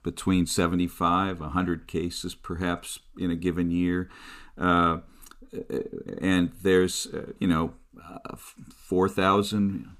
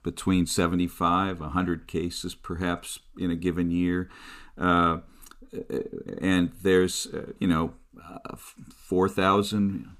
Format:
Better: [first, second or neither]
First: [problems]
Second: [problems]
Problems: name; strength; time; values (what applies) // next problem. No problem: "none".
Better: neither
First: none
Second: none